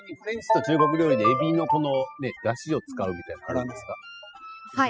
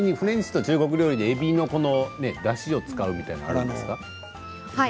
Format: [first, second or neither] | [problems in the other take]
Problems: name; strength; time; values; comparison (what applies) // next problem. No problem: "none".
second | noise reduction (classical method spectral subtraction)